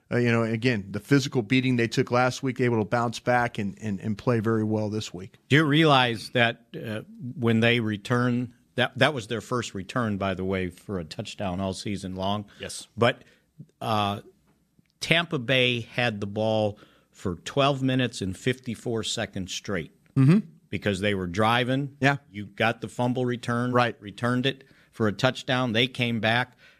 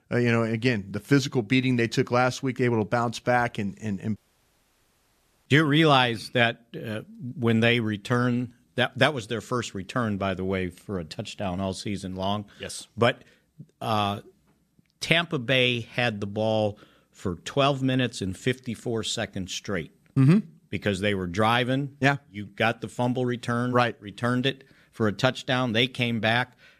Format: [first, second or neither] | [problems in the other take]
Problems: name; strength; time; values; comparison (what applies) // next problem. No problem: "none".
first | audio cutting out; at 4 s for 1.5 s